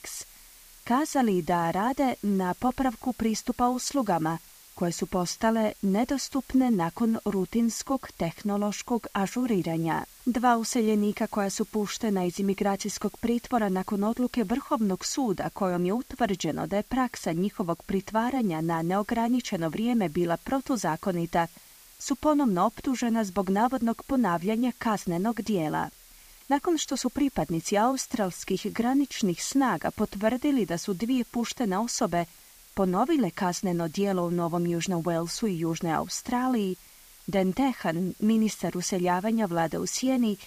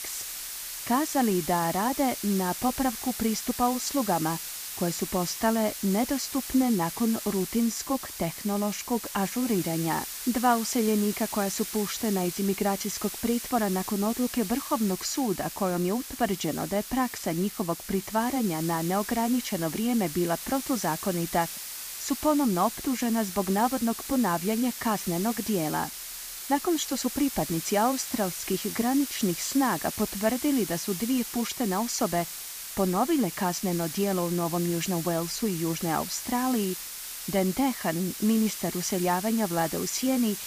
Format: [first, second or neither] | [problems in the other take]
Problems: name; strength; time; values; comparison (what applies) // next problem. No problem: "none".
first | hiss; loud; throughout; 7 dB below the speech; faint in the first